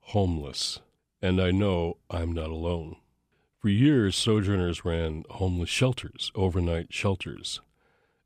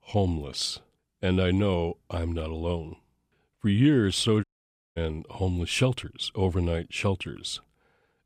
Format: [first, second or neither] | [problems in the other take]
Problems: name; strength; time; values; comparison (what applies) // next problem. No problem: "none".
first | audio cutting out; at 4.5 s for 0.5 s